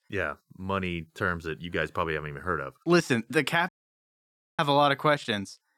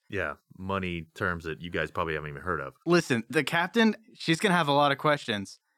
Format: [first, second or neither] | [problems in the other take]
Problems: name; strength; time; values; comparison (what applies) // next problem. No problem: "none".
second | audio cutting out; at 3.5 s for 1 s